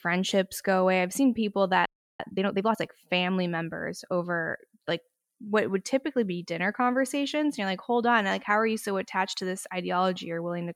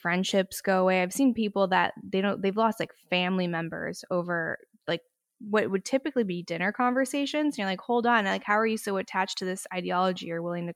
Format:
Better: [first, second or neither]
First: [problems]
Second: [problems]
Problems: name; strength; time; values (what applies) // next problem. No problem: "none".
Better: second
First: audio freezing; at 2 s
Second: none